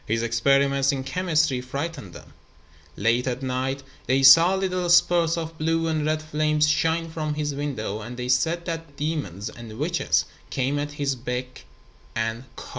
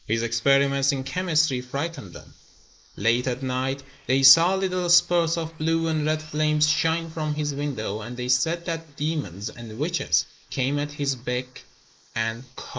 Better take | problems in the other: first | noise reduction (neural mask model Resemble Enhance denoiser)

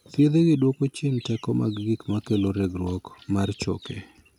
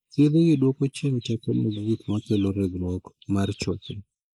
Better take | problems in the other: first | noise reduction (neural mask model Resemble Enhance denoiser)

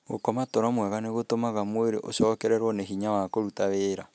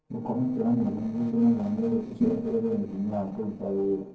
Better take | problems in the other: first | noise reduction (neural separator model SepFormer DNS4)

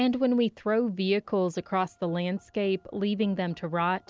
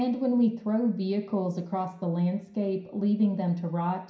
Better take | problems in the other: first | room echo; dies away in 0.5 s

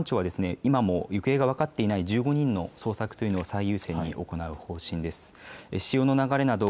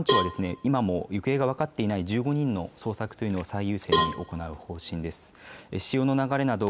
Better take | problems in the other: first | background sound (Cowbell); 4 dB below the speech

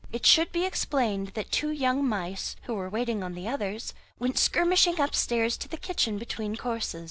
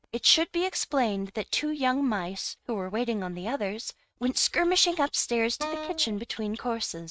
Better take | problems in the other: first | noise reduction (neural mask model RNNoise)

